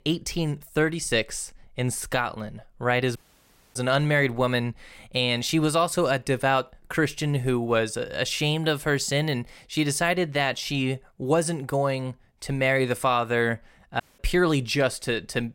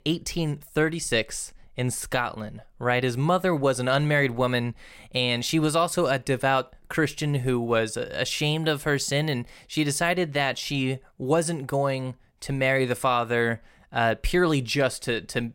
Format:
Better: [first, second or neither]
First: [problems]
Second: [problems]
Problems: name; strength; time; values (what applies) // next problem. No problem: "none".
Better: second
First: audio cutting out; at 3 s for 0.5 s and at 14 s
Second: none